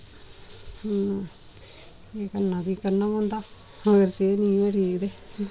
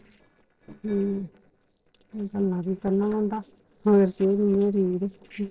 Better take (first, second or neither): first